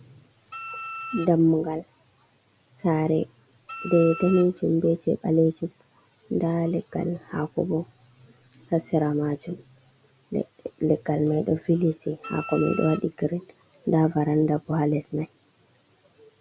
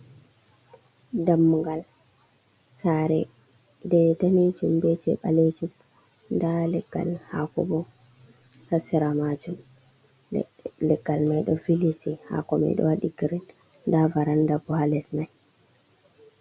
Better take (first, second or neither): second